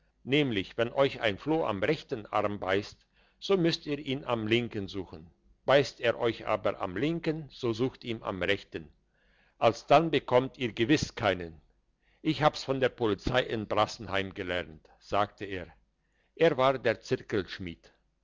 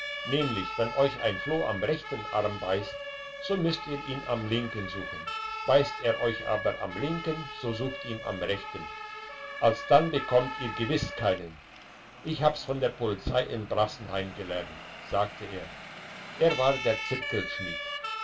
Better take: first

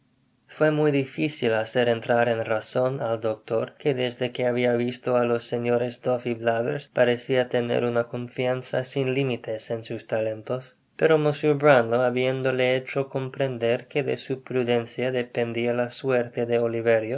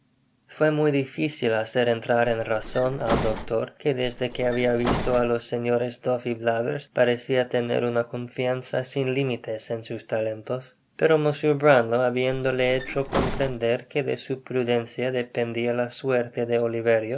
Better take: first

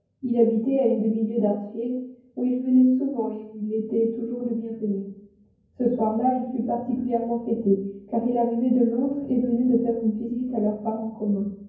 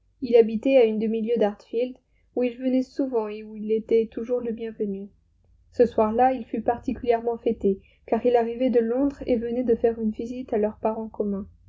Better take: second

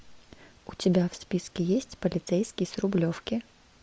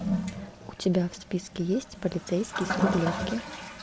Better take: first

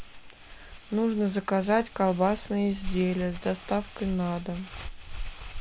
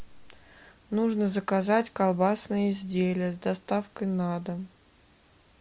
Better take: second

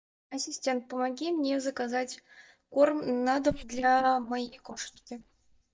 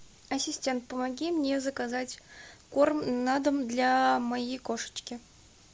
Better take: second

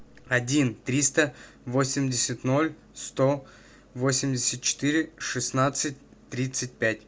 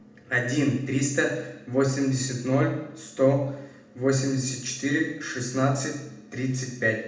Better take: first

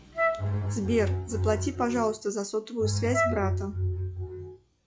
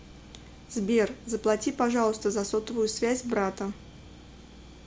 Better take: second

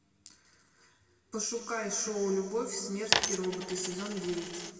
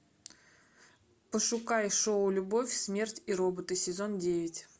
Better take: second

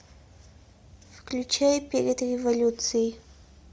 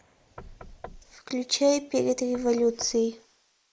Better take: first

